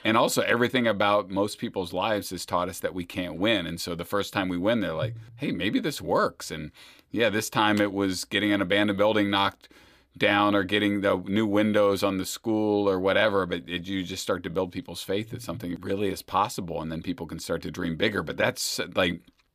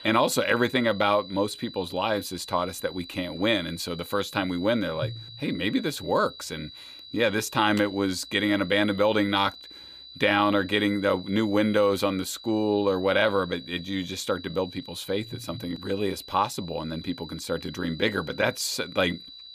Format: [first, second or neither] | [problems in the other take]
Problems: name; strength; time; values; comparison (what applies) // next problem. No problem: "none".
first | high-pitched whine; noticeable; throughout; 4 kHz, 15 dB below the speech